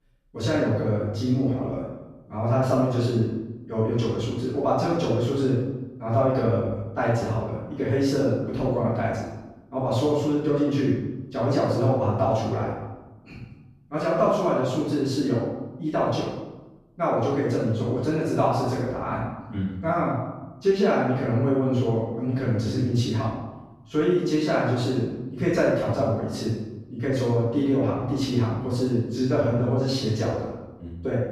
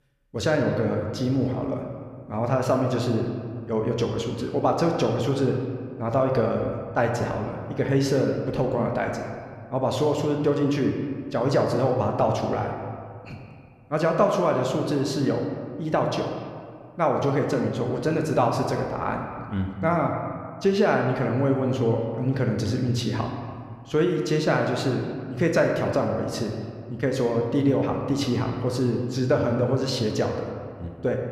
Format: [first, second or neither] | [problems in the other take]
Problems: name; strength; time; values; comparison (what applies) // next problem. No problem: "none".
second | room echo; strong; dies away in 0.9 s; slight in the second // off-mic speech; far